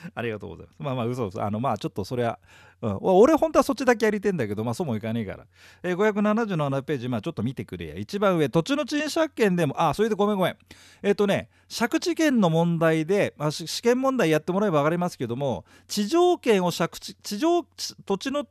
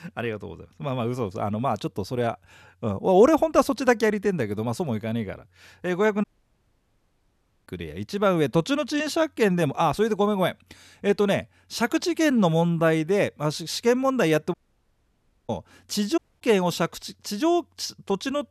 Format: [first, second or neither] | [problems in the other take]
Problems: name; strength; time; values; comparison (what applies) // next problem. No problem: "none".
first | audio cutting out; at 6 s for 1.5 s, at 15 s for 1 s and at 16 s